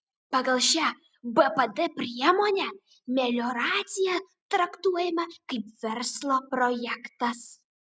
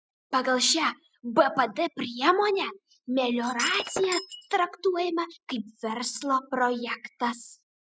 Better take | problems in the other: first | noise reduction (classical method spectral subtraction)

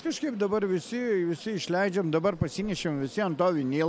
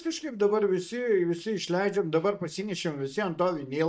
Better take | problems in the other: first | noise reduction (neural mask model DeepFilterNet 3)

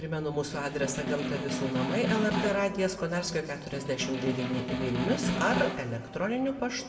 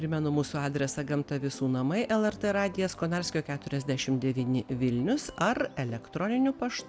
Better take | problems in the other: second | background sound (Snare drum); 4 dB below the speech // room echo; dies away in 1.9 s

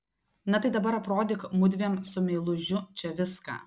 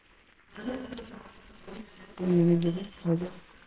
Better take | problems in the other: first | noise reduction (neural separator model SepFormer WHAMR!)

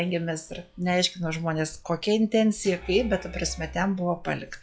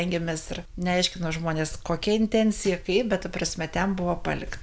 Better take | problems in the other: second | noise reduction (classical method log-MMSE)

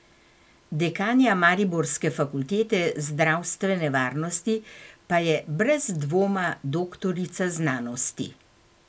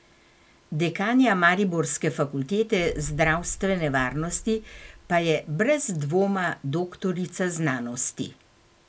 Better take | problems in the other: first | background sound (Boom); 16 dB below the speech

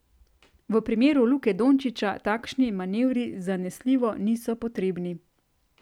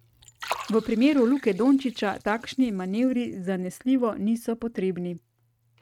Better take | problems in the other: first | noise reduction (neural mask model RNNoise)

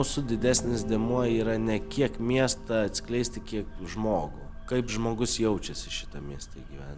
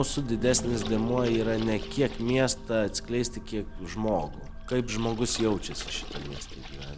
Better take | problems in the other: first | background sound (Water / Splash, splatter); 17 dB below the speech

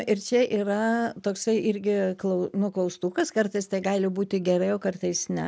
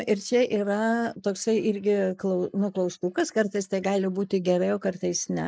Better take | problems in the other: first | noise reduction (neural mask model Resemble Enhance denoiser)

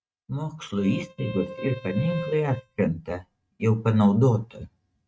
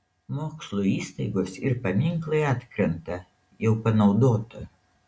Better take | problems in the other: second | noise reduction (neural mask model RNNoise)

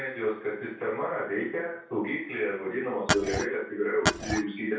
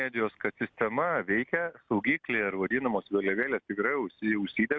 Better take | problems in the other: second | background sound (Glass); 2 dB above the speech // room echo; dies away in 0.6 s

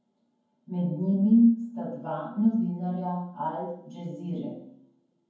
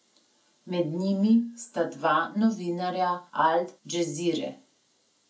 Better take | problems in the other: second | room echo; dies away in 0.9 s

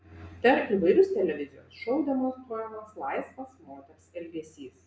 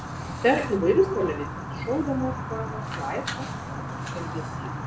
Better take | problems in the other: first | background sound (Fire); 5 dB below the speech

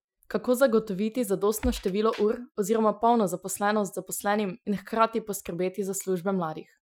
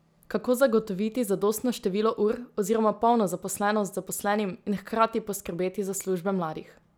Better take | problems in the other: second | noise reduction (classical method Wiener filter)

